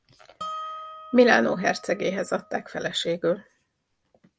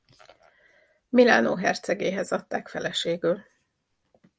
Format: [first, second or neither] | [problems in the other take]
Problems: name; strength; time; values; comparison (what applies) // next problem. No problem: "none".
second | background sound (Harp); 14 dB below the speech